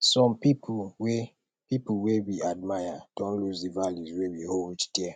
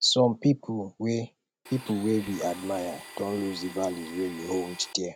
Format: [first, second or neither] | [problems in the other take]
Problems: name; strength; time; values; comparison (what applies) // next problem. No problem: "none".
first | background sound (Domestic sounds, home sounds); 16 dB below the speech